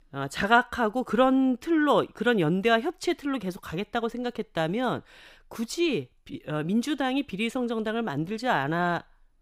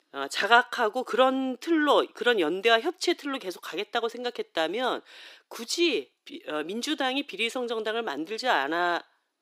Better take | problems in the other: first | thin; somewhat; fading below 350 Hz

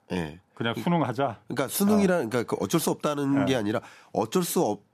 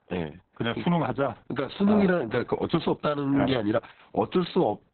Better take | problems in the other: first | garbled, watery; badly; nothing above 4 kHz

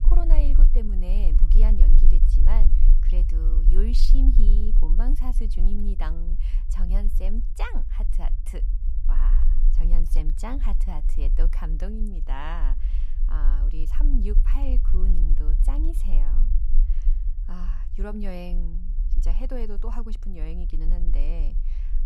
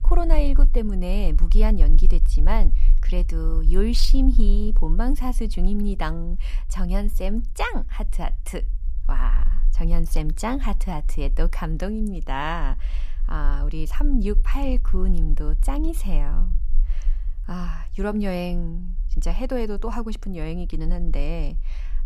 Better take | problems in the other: second | low rumble; loud; throughout; 9 dB below the speech; faint in the second

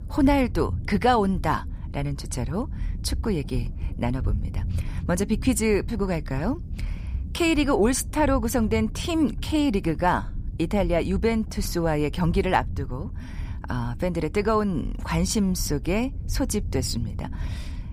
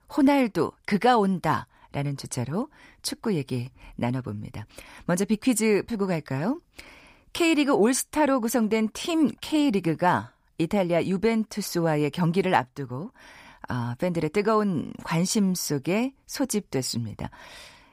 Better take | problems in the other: second | low rumble; faint; throughout; 20 dB below the speech

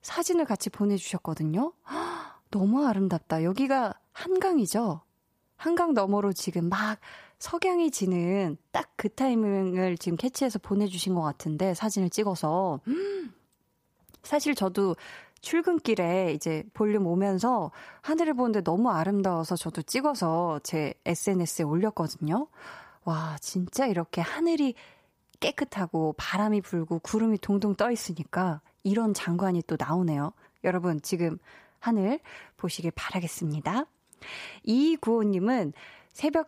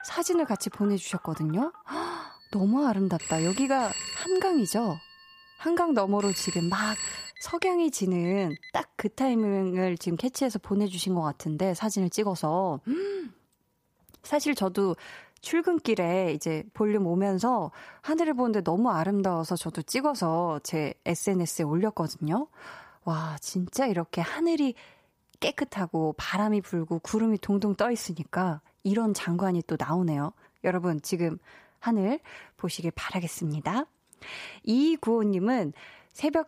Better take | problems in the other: first | alarms or sirens; loud; until 9.5 s; 9 dB below the speech

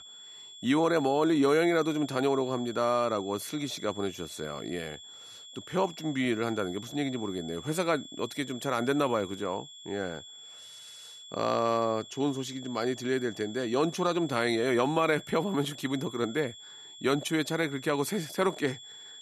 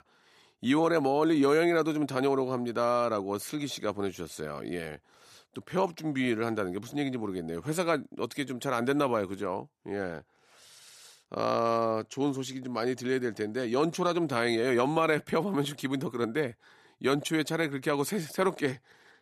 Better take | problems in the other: second | high-pitched whine; noticeable; throughout; 3.5 kHz, 15 dB below the speech

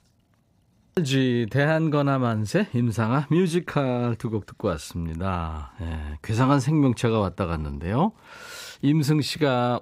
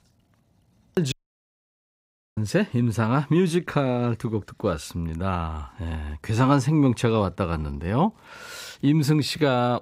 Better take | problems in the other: first | audio cutting out; at 1 s for 1.5 s

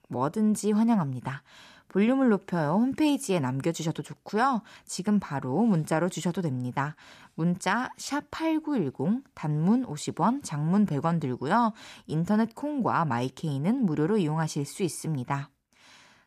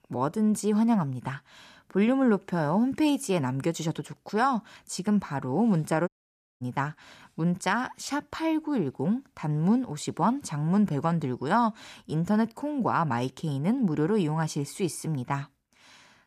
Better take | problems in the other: first | audio cutting out; at 6 s for 0.5 s

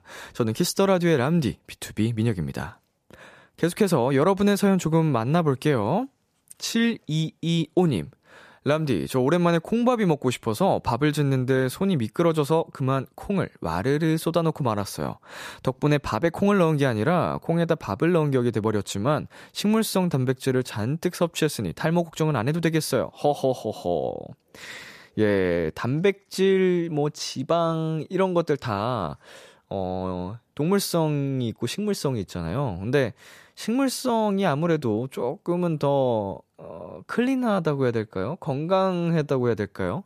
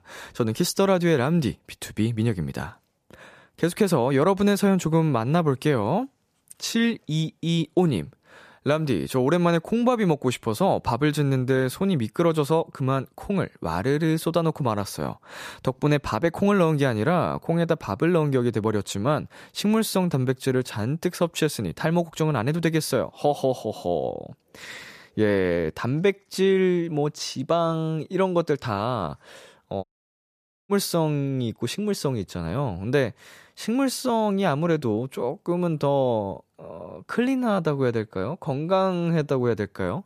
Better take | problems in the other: first | audio cutting out; at 30 s for 1 s

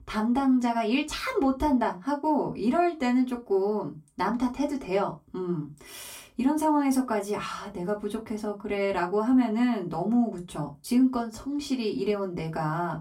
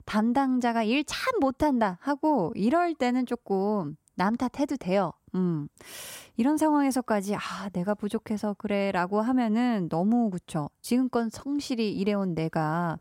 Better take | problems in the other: second | off-mic speech; somewhat distant // room echo; very slight; dies away in 0.2 s

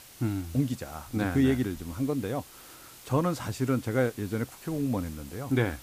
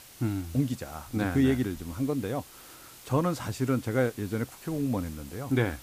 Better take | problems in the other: neither | hiss; noticeable; throughout; 20 dB below the speech; the same in both

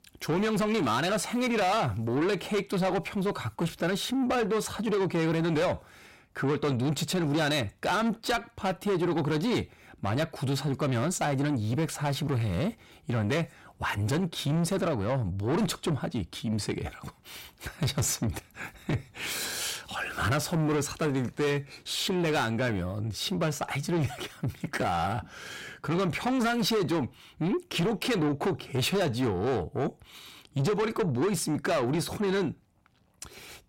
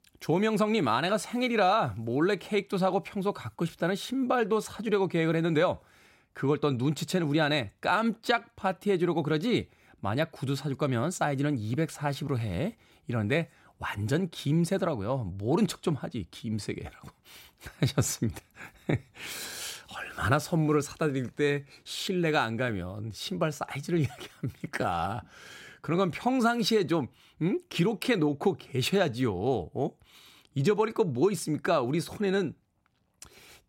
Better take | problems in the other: second | distortion; heavy; 8 dB below the speech

